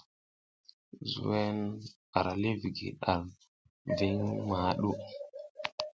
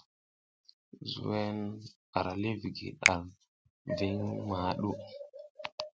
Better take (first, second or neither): first